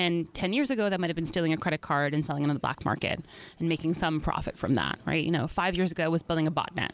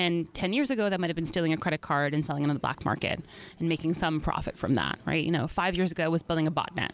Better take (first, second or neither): second